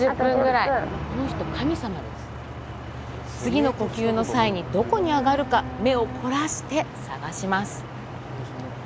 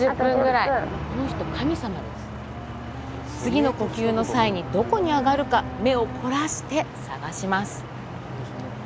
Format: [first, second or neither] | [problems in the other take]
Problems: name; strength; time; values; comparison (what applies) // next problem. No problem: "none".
first | background sound (Wind instrument, woodwind instrument); 19 dB below the speech